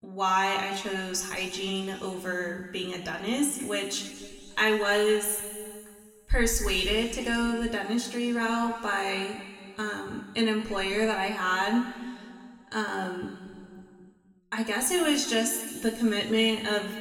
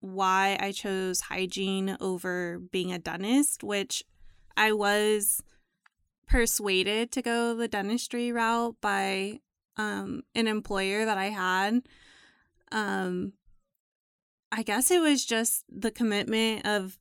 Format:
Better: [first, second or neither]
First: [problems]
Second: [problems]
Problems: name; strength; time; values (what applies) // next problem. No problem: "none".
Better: second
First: room echo; noticeable; dies away in 2.1 s // off-mic speech; somewhat distant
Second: none